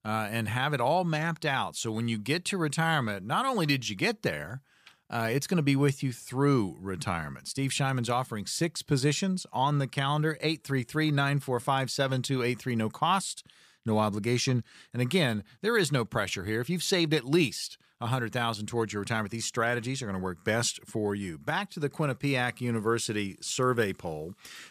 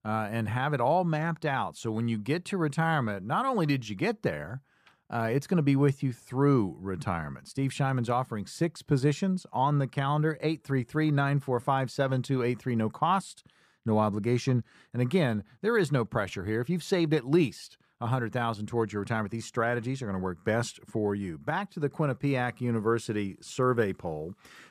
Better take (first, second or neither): first